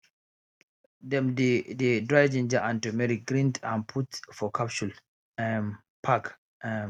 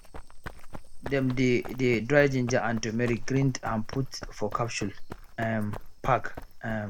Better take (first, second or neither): first